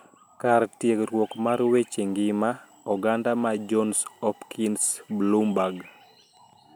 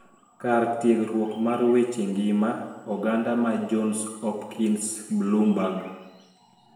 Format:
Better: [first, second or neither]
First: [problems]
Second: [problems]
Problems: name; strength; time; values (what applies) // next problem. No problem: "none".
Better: first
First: none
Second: room echo; dies away in 1 s